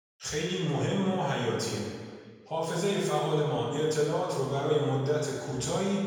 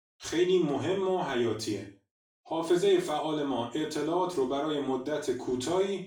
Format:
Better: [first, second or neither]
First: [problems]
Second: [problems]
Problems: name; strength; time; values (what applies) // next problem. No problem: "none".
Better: second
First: room echo; strong; dies away in 1.7 s // off-mic speech; far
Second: room echo; slight; dies away in 0.4 s // off-mic speech; far